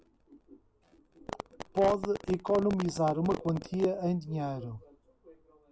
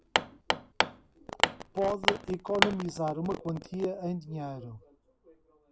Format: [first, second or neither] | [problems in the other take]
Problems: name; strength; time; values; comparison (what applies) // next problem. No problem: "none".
first | background sound (Hammer); 4 dB above the speech